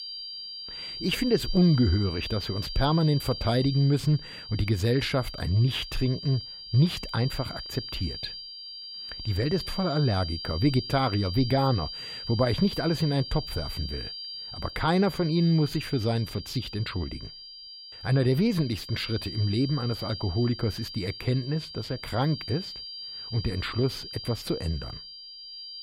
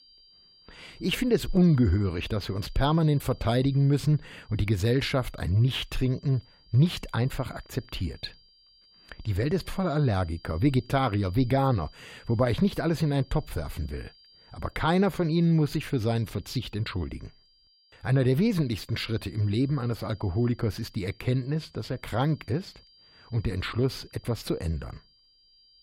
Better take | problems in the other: second | high-pitched whine; loud; throughout; 4.5 kHz, 9 dB below the speech; faint in the second

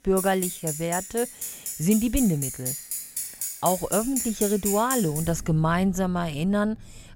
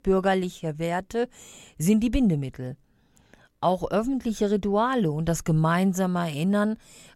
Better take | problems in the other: second | traffic noise; loud; throughout; 5 dB below the speech

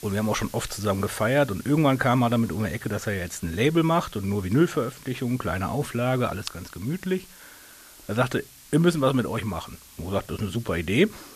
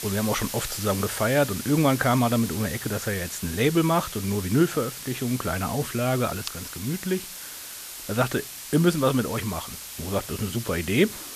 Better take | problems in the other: first | hiss; loud; throughout; 9 dB below the speech; faint in the first

